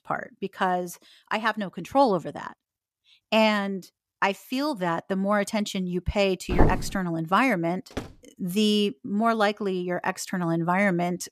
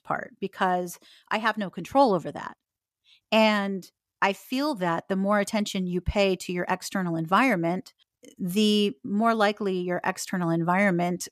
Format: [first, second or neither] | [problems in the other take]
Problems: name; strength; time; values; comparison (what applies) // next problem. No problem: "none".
second | footsteps; loud; at 6.5 s; peak 1 dB above the speech // door banging; faint; at 8 s; peak 15 dB below the speech